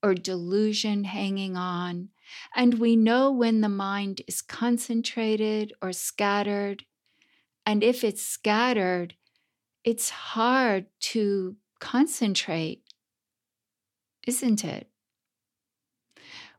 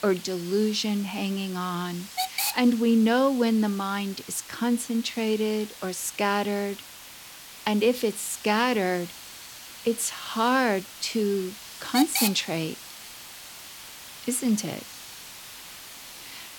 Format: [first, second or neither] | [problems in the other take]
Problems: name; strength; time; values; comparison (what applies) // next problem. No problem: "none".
first | hiss; noticeable; throughout; 10 dB below the speech